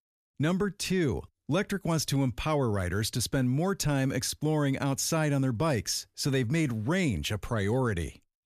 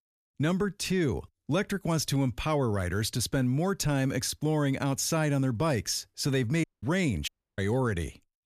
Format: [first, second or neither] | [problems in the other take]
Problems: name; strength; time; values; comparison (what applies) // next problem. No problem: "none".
first | audio cutting out; at 6.5 s and at 7.5 s